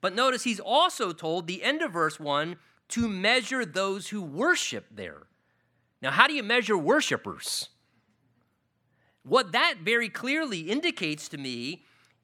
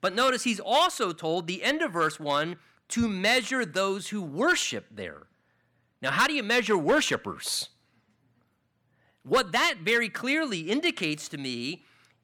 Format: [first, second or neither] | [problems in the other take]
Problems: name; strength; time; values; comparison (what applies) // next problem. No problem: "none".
first | distortion; slight; 1.9% of the sound clipped